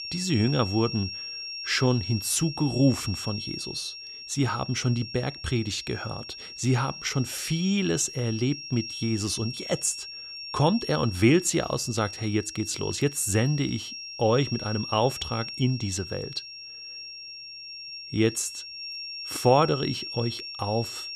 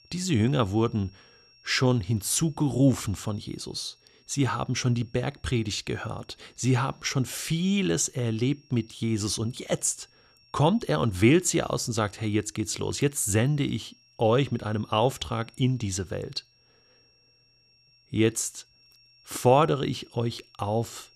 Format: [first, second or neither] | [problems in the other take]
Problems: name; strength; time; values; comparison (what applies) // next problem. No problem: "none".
second | high-pitched whine; loud; throughout; 5.5 kHz, 9 dB below the speech; faint in the second